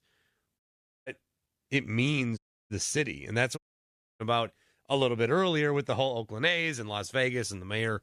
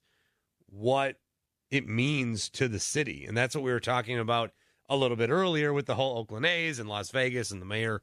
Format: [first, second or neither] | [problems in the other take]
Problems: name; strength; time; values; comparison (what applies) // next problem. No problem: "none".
second | audio cutting out; at 0.5 s, at 2.5 s and at 3.5 s for 0.5 s